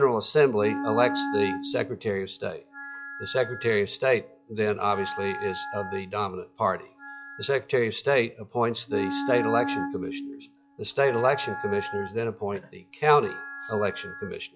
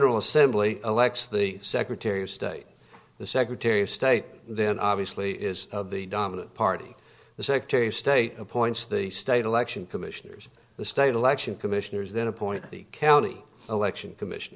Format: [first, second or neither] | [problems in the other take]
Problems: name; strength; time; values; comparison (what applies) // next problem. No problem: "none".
second | noise reduction (classical method log-MMSE)